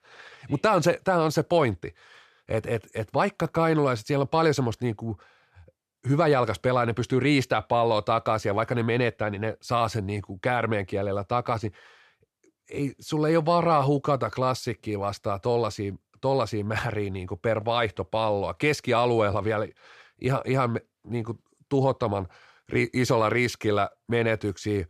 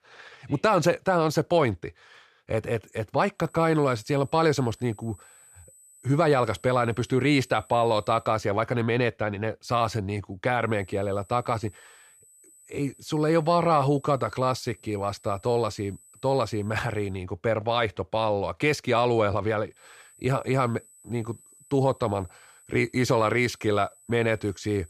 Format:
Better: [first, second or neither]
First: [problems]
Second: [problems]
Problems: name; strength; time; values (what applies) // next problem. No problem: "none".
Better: first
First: none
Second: high-pitched whine; faint; from 3.5 to 8.5 s, from 11 to 17 s and from 20 s on; 8 kHz, 25 dB below the speech